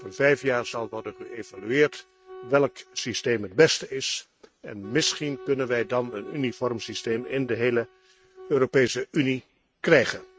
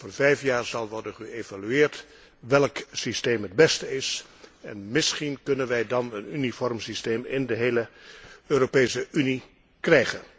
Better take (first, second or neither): second